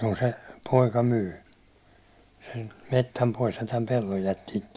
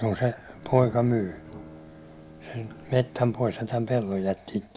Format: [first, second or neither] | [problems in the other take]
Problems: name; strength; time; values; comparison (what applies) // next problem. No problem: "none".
first | background sound (Bowed string instrument + Thunder); 18 dB below the speech